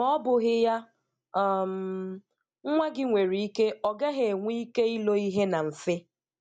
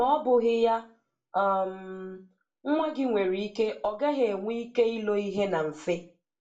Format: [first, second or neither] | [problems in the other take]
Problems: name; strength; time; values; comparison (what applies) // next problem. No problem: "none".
first | room echo; dies away in 0.3 s